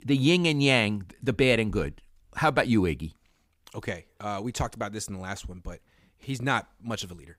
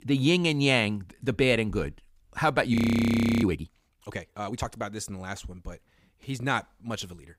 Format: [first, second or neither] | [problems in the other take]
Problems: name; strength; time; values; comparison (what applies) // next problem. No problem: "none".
first | audio freezing; at 3 s for 0.5 s